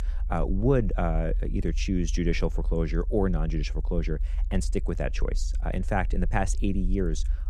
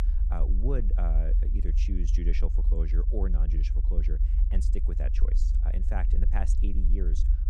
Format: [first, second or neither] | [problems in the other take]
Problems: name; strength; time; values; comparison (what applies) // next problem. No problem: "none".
first | low rumble; loud; throughout; 7 dB below the speech; faint in the first